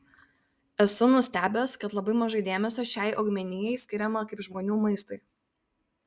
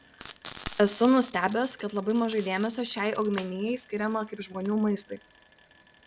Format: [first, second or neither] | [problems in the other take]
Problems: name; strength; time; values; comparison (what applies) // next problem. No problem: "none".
first | background sound (Frying (food)); 19 dB below the speech